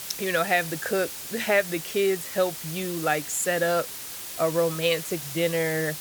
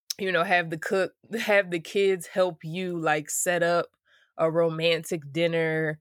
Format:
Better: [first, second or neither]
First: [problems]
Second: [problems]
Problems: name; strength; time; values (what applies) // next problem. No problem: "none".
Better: second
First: hiss; loud; throughout; 8 dB below the speech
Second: none